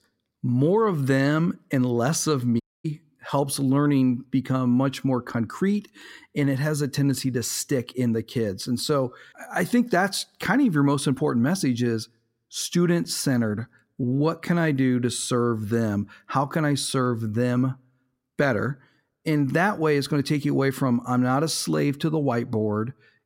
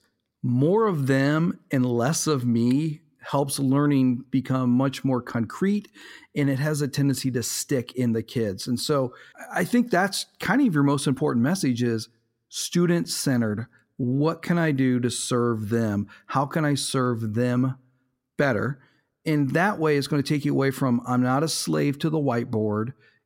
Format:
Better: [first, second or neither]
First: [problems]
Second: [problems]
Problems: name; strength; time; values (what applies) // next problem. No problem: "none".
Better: second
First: audio cutting out; at 2.5 s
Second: none